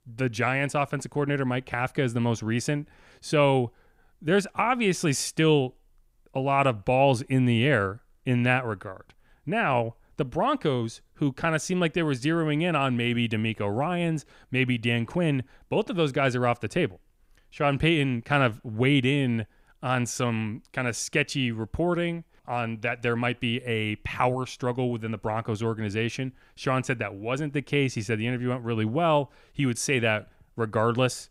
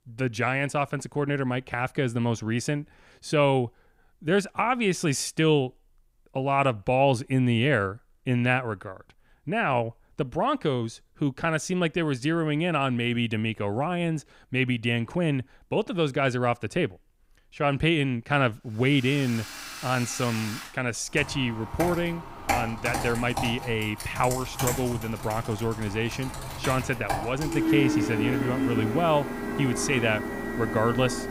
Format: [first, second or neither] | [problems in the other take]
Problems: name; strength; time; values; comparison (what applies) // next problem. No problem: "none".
first | household noises; loud; from 19 s on; 5 dB below the speech